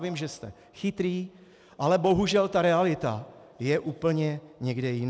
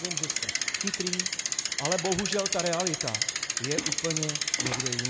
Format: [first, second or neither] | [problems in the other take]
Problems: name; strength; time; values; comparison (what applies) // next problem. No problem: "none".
first | background sound (Bicycle); 3 dB above the speech